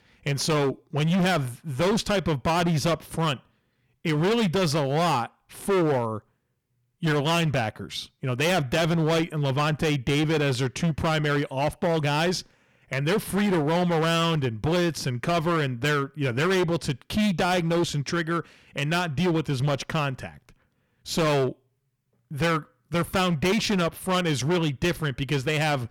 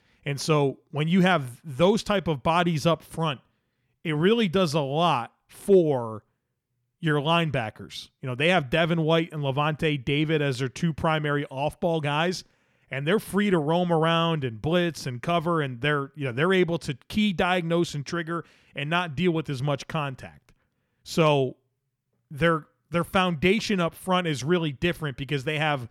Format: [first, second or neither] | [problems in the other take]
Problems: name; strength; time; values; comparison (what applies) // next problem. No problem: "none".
second | distortion; heavy; 18% of the sound clipped